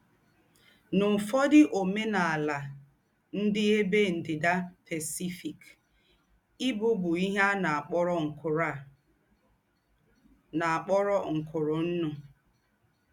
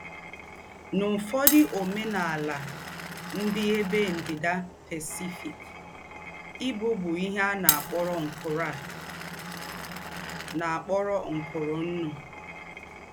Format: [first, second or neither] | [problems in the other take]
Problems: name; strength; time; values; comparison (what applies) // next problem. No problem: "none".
first | background sound (Glass); 5 dB below the speech